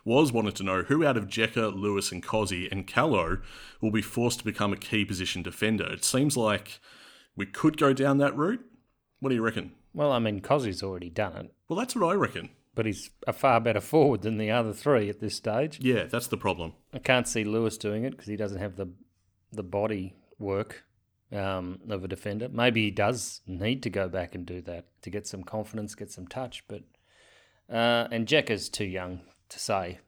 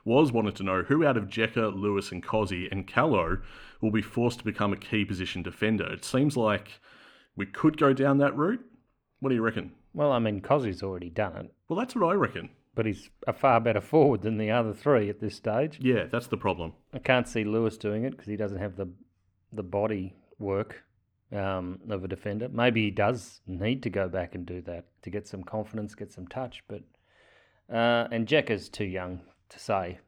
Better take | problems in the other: first | muffled; slightly; fading above 4 kHz

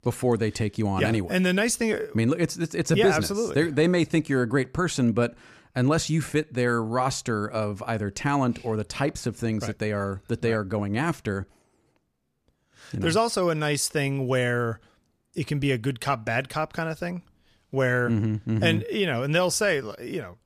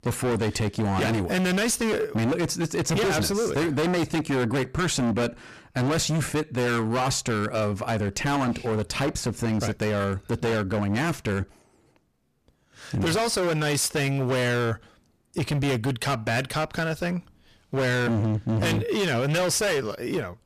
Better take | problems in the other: first | distortion; heavy; 27% of the sound clipped

